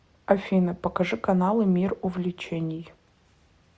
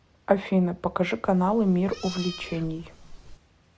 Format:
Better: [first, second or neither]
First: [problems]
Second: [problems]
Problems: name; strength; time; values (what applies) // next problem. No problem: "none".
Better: first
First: none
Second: background sound (Meow); 16 dB below the speech